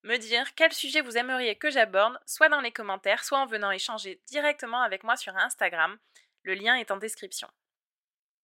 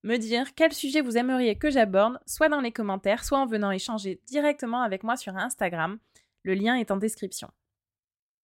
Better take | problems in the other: second | thin; somewhat; fading below 500 Hz

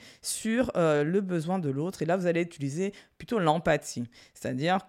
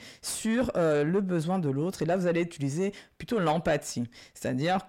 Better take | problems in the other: first | distortion; slight; 10 dB below the speech

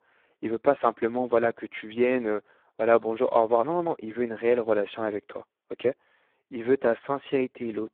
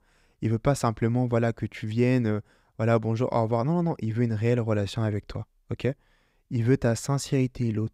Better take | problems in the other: second | phone-call audio; poor line

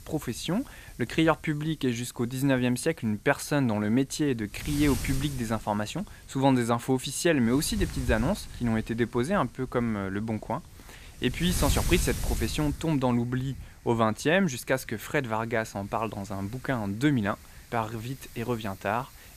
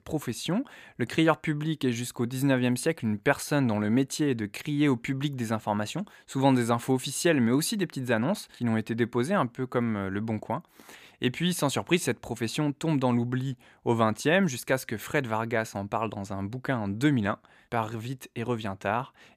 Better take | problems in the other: second | wind noise on the microphone; occasional gusts; 15 dB below the speech

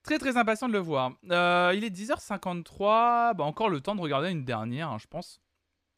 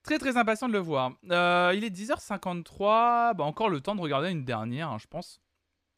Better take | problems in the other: neither | none

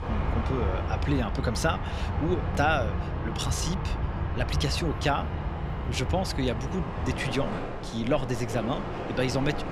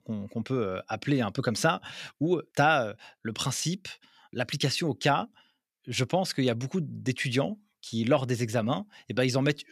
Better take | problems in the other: second | train or aircraft noise; loud; throughout; 2 dB below the speech

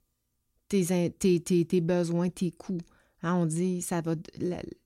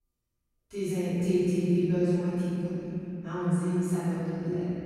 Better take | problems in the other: first | off-mic speech; far // room echo; strong; dies away in 3 s

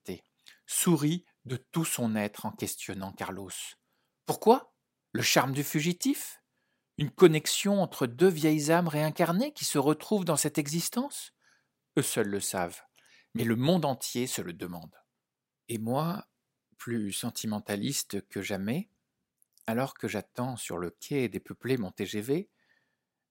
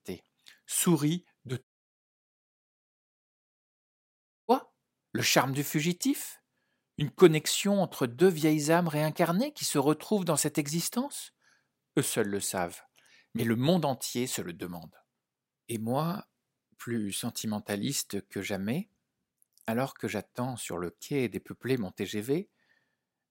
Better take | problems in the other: first | audio cutting out; at 1.5 s for 3 s

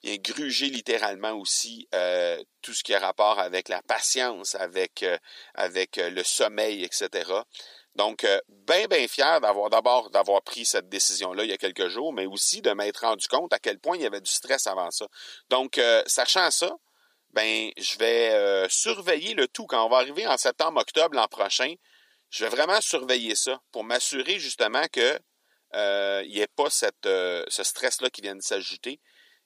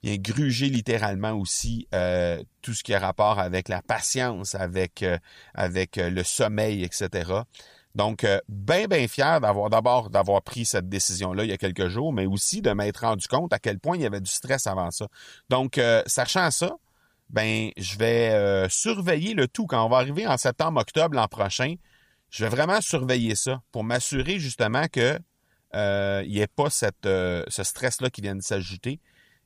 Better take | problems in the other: second | thin; somewhat; fading below 300 Hz

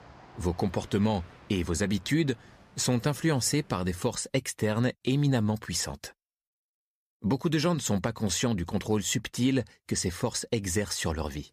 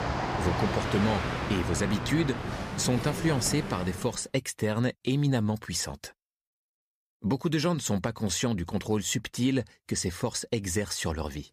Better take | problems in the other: first | train or aircraft noise; loud; until 4 s; 4 dB below the speech; faint in the first

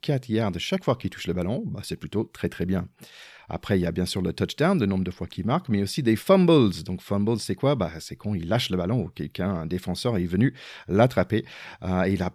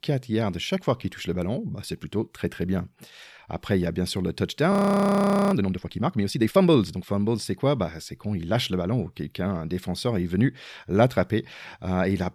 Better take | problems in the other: first | audio freezing; at 4.5 s for 1 s

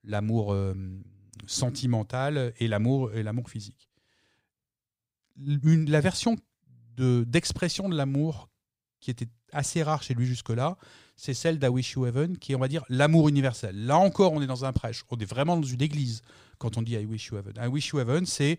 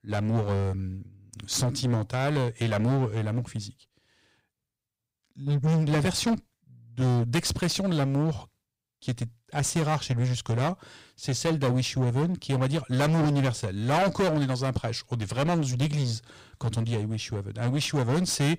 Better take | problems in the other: first | distortion; heavy; 16% of the sound clipped

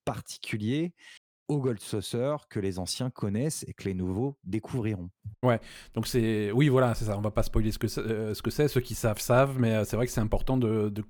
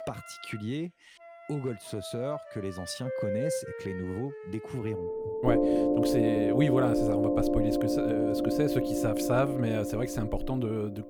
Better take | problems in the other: first | background music; very loud; throughout; 4 dB above the speech

